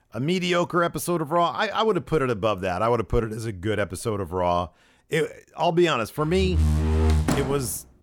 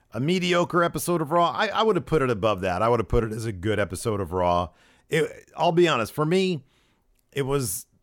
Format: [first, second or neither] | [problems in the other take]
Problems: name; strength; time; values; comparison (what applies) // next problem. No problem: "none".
second | door banging; loud; from 6.5 s on; peak 3 dB above the speech